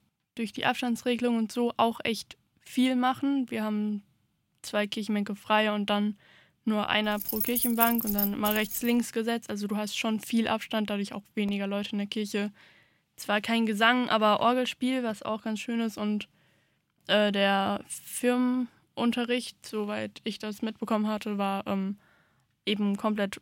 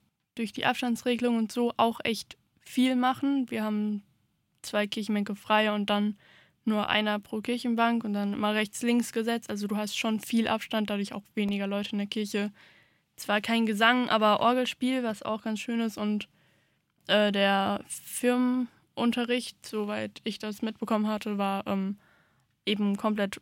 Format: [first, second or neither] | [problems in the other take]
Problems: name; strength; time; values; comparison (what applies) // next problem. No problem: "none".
second | jangling keys; loud; from 7 to 9 s; peak 3 dB above the speech